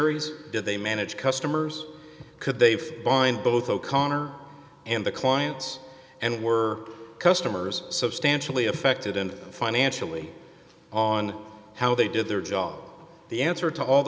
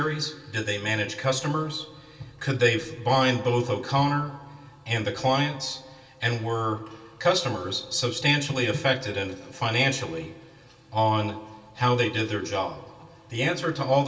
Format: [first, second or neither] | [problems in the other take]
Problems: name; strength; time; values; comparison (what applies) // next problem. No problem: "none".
first | room echo; dies away in 0.2 s